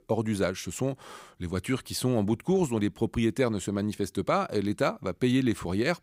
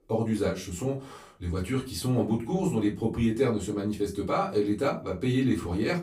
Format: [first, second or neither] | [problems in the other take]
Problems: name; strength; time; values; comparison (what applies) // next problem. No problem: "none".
first | off-mic speech; far // room echo; very slight; dies away in 0.2 s